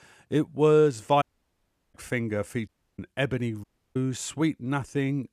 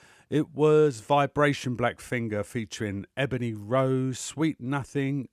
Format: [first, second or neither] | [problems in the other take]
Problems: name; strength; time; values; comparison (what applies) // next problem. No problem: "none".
second | audio cutting out; at 1 s for 0.5 s, at 2.5 s and at 3.5 s